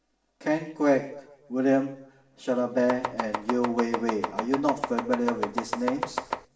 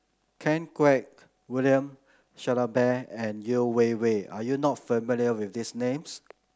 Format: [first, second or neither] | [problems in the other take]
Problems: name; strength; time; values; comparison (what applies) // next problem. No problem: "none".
second | background sound (Domestic sounds, home sounds); 4 dB below the speech // room echo; dies away in 0.7 s